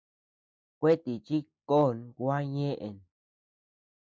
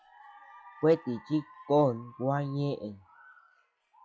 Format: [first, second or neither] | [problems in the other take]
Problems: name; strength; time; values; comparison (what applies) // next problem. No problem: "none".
first | noise reduction (classical method log-MMSE)